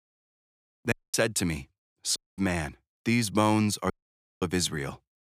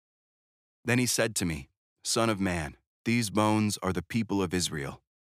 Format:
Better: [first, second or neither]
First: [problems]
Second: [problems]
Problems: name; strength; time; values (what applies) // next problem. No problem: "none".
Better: second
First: audio cutting out; at 1 s, at 2 s and at 4 s for 0.5 s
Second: none